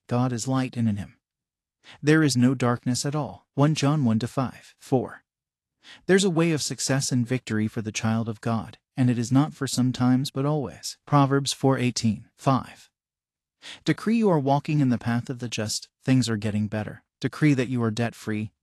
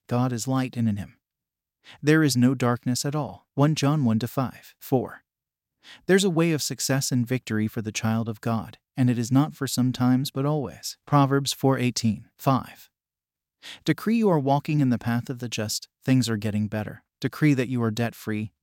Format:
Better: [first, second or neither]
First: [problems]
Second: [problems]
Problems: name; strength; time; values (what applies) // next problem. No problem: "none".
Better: second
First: garbled, watery; slightly; nothing above 11.5 kHz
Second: none